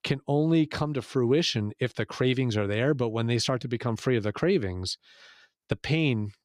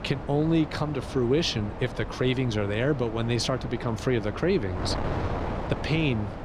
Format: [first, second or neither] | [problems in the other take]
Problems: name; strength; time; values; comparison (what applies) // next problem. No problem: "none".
first | wind noise on the microphone; heavy; 7 dB below the speech